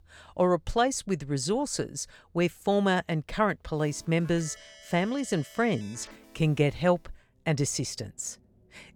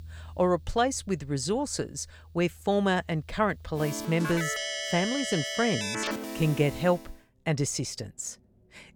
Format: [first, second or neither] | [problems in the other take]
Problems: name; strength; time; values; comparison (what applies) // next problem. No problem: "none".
first | background music; loud; until 7 s; 4 dB below the speech; faint in the first